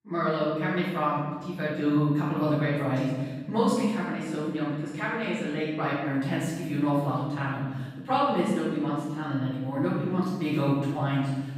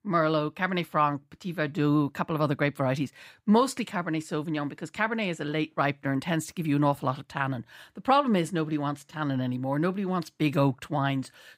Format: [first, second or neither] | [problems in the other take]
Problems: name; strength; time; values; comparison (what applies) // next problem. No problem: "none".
second | off-mic speech; far // room echo; strong; dies away in 1.4 s